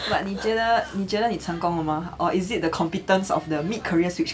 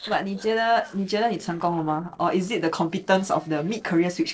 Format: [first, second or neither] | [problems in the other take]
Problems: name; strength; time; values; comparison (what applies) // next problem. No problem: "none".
first | noise reduction (neural separator model SepFormer DNS4)